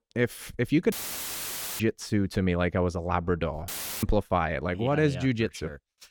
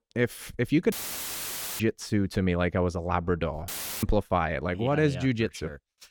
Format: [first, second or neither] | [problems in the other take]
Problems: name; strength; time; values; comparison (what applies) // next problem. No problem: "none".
neither | audio cutting out; filled with static; at 1 s for 1 s and at 3.5 s; the same in both